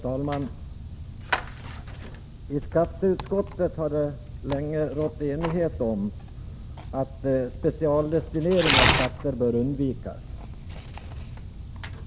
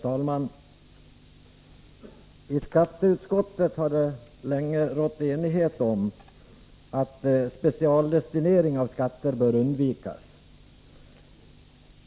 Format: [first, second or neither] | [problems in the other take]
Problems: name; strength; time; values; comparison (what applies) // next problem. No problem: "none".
second | background sound (Tearing); 4 dB below the speech